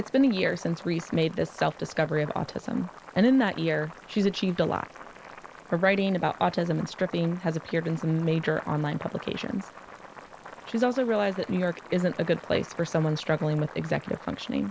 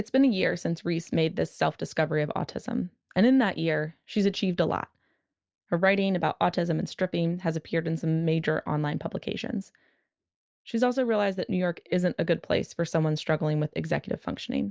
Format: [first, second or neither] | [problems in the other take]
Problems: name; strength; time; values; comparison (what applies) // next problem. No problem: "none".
second | background sound (Boiling); 18 dB below the speech